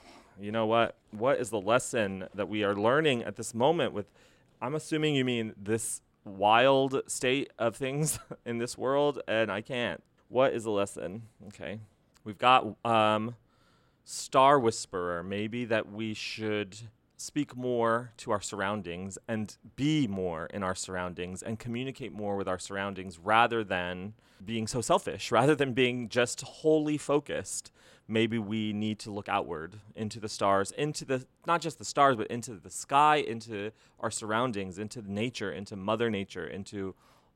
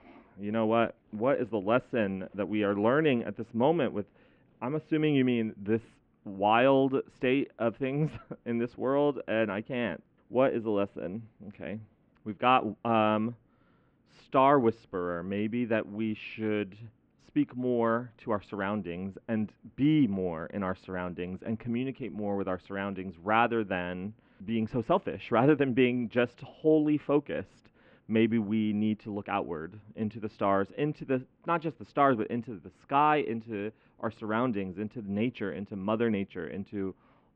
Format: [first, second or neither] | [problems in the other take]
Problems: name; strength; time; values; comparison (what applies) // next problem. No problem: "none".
first | muffled; very; fading above 2.5 kHz